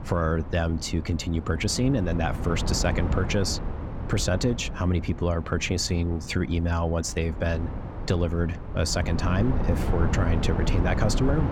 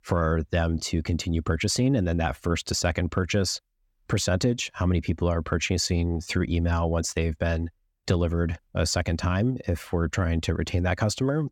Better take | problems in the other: second | wind noise on the microphone; heavy; 9 dB below the speech

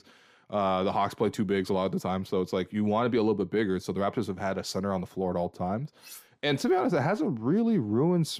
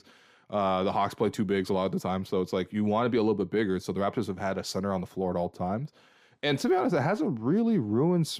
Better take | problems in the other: second | clattering dishes; faint; at 6 s; peak 20 dB below the speech

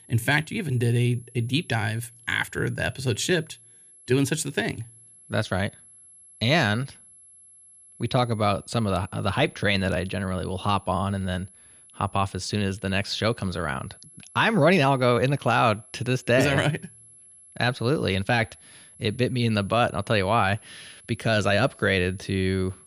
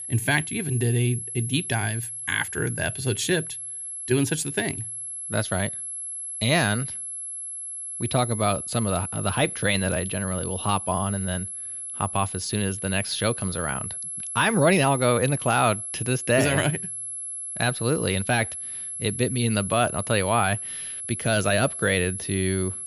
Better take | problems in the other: first | high-pitched whine; loud; throughout; 11 kHz, 6 dB below the speech; faint in the first

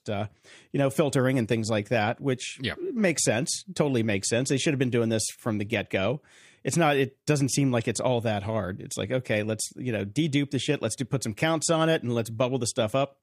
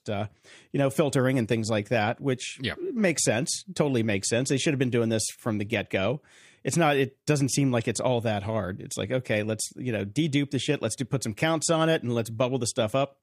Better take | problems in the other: neither | none

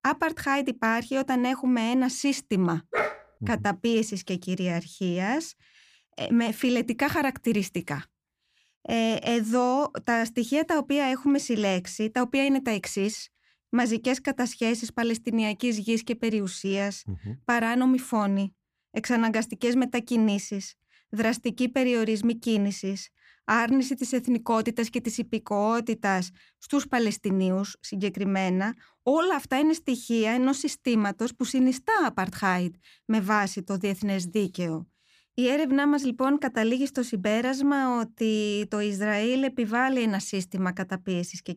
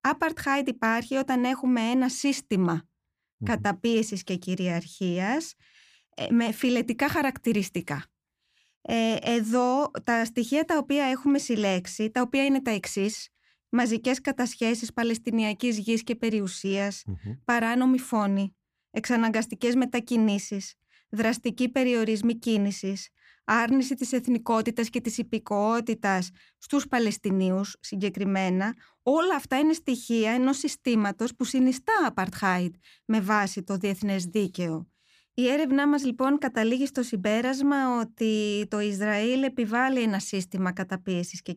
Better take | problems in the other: second | dog barking; noticeable; at 3 s; peak 2 dB below the speech

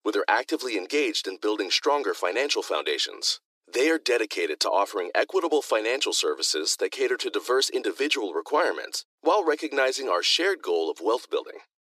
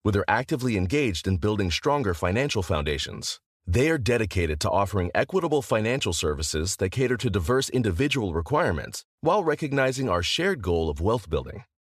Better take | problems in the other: second | thin; very; fading below 300 Hz

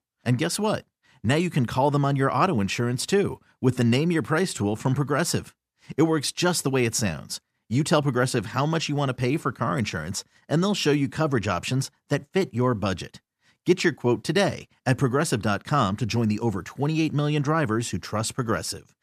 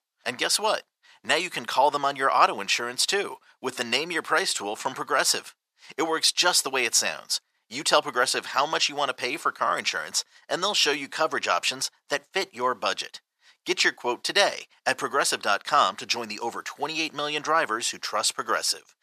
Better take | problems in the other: first | thin; very; fading below 750 Hz

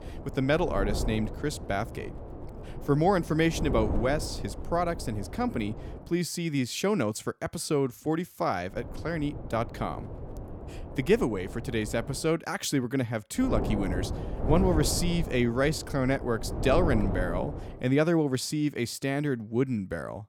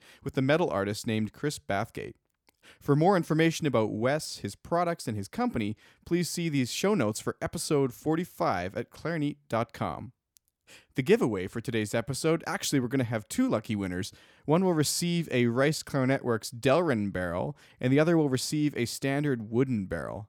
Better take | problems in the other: second | wind noise on the microphone; occasional gusts; until 6 s, from 8.5 to 12 s and from 13 to 18 s; 10 dB below the speech

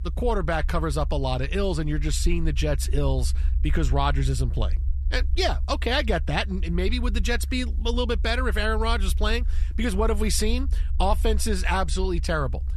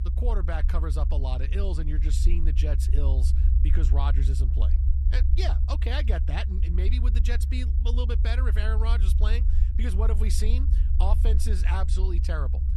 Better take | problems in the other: first | low rumble; loud; throughout; 7 dB below the speech; faint in the first

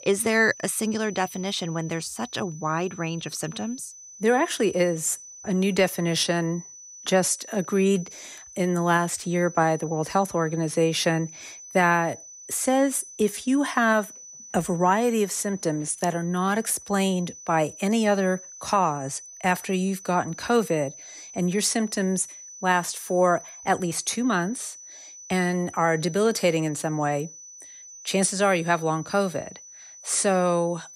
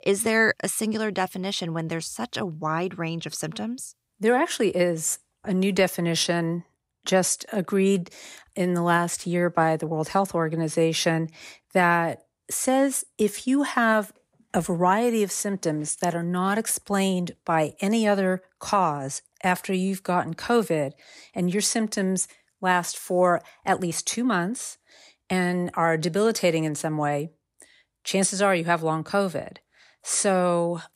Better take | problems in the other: second | high-pitched whine; noticeable; throughout; 6 kHz, 15 dB below the speech

